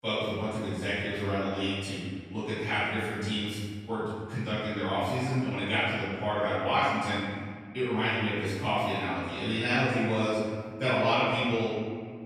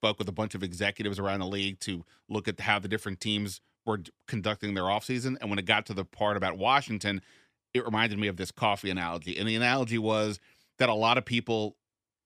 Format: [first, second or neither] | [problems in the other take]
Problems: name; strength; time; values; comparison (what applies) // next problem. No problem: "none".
second | off-mic speech; far // room echo; strong; dies away in 1.7 s